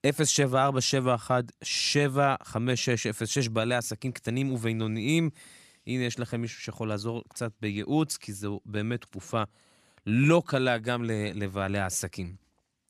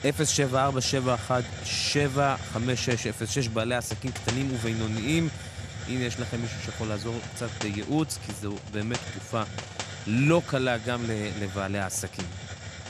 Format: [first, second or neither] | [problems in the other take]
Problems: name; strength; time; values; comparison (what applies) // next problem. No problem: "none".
first | hiss; loud; throughout; 9 dB below the speech